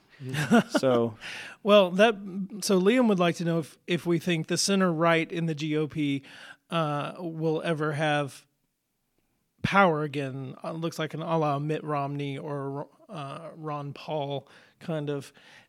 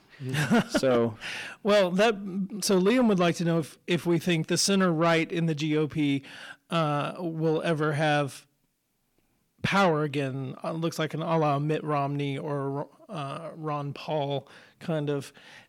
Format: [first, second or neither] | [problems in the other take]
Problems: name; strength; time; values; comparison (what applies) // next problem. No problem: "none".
first | distortion; slight; 10 dB below the speech